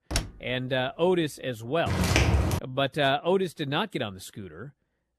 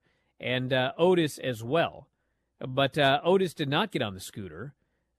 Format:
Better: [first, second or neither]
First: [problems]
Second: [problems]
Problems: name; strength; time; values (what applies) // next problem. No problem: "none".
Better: second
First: door banging; noticeable; at the start; peak 4 dB below the speech // footsteps; loud; at 2 s; peak 5 dB above the speech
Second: none